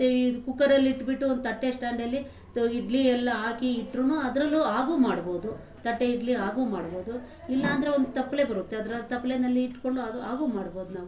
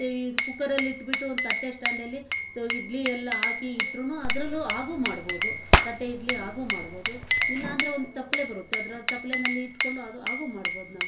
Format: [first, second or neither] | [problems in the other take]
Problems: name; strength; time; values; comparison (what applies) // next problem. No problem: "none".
first | background sound (Glass + Hands); 3 dB above the speech